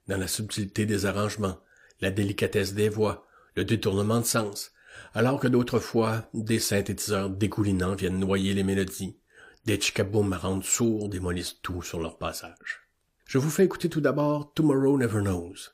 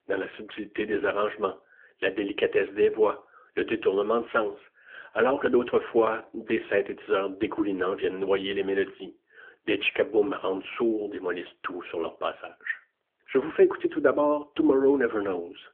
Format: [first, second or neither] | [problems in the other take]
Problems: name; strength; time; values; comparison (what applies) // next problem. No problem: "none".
first | phone-call audio; nothing above 3 kHz